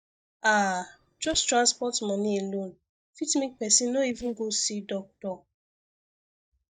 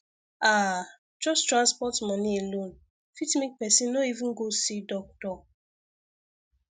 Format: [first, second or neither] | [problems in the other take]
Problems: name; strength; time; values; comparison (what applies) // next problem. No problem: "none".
second | noise reduction (neural mask model DeepFilterNet 3)